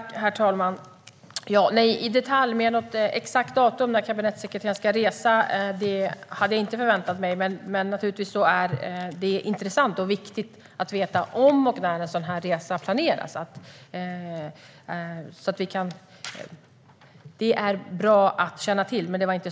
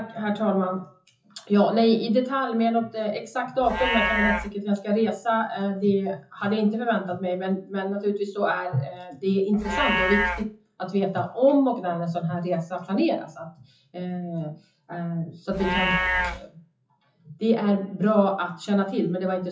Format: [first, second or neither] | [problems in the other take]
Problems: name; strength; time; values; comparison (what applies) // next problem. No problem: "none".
first | noise reduction (classical method WPE with log-MMSE)